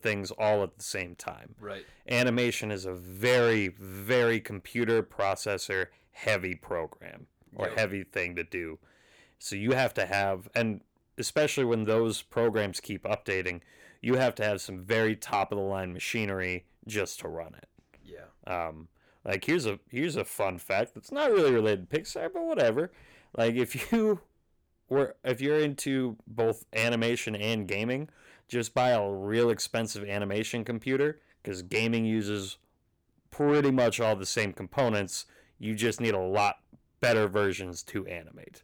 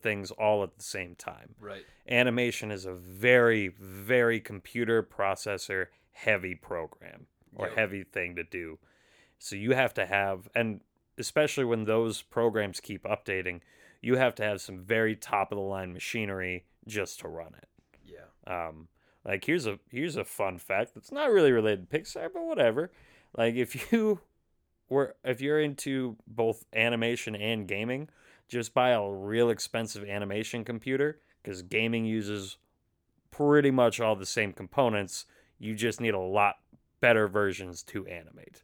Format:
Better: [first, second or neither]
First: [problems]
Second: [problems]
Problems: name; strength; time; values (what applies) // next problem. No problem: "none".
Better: second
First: distortion; slight; 10 dB below the speech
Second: none